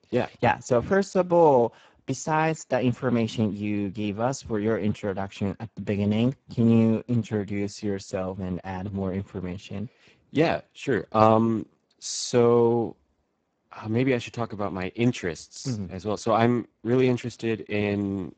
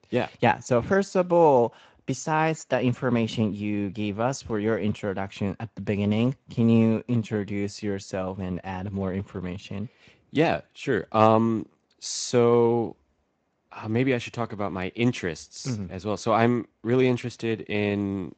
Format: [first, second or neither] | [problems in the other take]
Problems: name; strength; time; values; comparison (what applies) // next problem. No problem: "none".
second | garbled, watery; badly; nothing above 7.5 kHz; slightly in the second